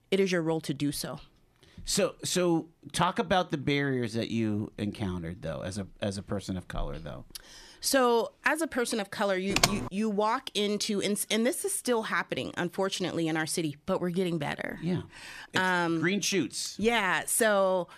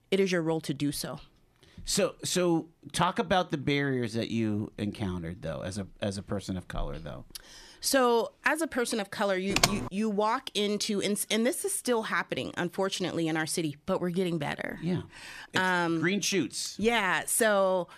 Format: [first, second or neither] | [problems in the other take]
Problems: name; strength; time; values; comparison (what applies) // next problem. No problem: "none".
neither | keyboard typing; loud; at 9.5 s; peak 3 dB above the speech; the same in both